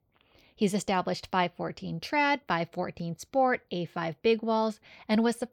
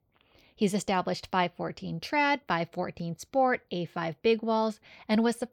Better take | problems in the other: neither | none

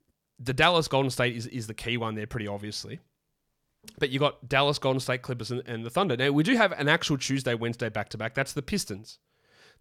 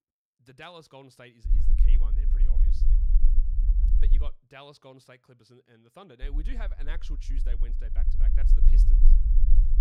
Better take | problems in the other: first | low rumble; loud; from 1.5 to 4.5 s and from 6 s on; 3 dB below the speech

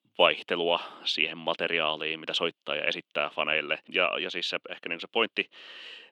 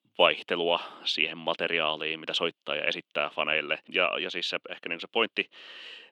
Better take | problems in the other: neither | thin; somewhat; fading below 300 Hz; the same in both

